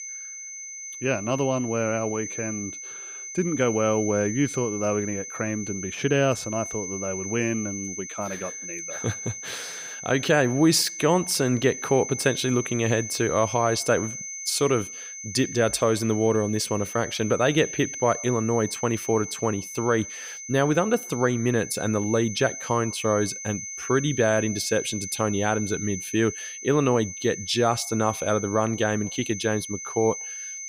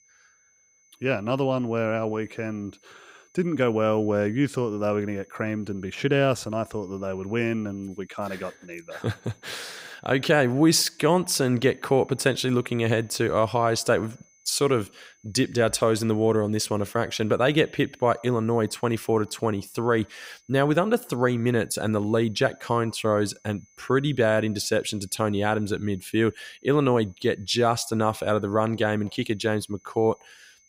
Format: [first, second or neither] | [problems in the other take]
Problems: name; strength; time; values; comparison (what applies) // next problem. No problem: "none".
second | high-pitched whine; loud; throughout; 6 kHz, 9 dB below the speech; faint in the second